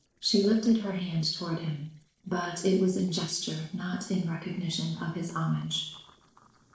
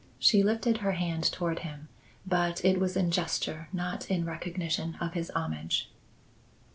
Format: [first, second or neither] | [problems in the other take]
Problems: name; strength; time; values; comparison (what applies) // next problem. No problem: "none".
second | noise reduction (neural separator model SepFormer DNS4)